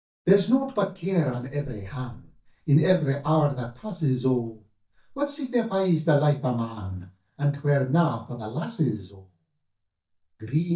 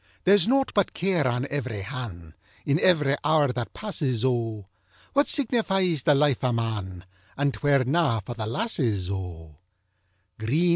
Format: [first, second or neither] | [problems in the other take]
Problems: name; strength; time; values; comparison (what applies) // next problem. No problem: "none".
second | noise reduction (neural mask model DeepFilterNet 3)